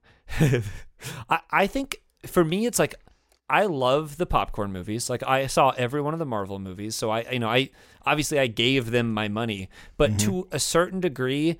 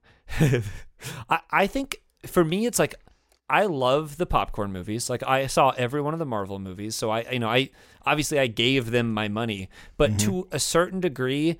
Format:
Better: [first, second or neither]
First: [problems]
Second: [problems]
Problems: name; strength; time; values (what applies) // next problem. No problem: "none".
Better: neither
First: none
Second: none